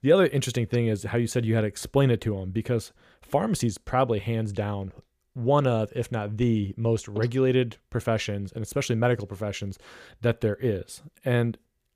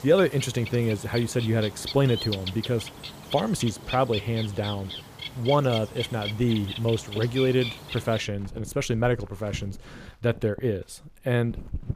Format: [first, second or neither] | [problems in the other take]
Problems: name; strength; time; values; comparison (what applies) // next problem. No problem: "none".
first | animal sounds; loud; throughout; 10 dB below the speech